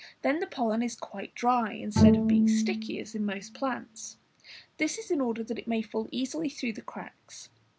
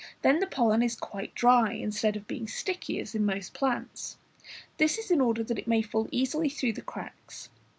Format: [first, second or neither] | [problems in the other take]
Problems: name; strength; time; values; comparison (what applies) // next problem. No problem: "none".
second | background sound (Bowed string instrument); 5 dB above the speech